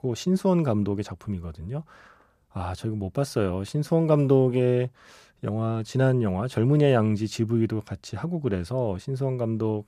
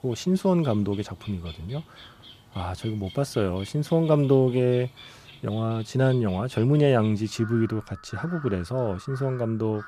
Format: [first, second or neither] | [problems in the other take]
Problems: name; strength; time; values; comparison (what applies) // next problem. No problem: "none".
first | animal sounds; noticeable; throughout; 20 dB below the speech